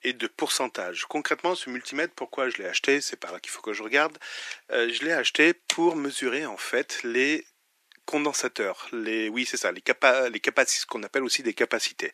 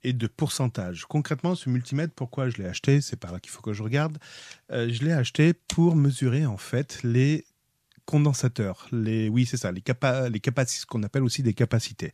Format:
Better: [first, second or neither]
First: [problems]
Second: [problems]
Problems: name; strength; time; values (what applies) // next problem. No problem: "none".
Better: second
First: thin; very; fading below 300 Hz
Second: none